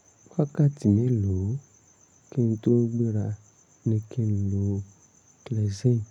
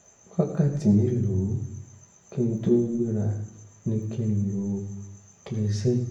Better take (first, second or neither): first